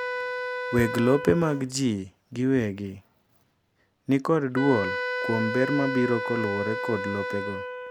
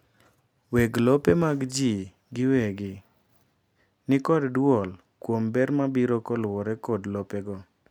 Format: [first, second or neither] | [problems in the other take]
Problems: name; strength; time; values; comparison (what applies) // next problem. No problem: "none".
second | background sound (Wind instrument, woodwind instrument); 6 dB below the speech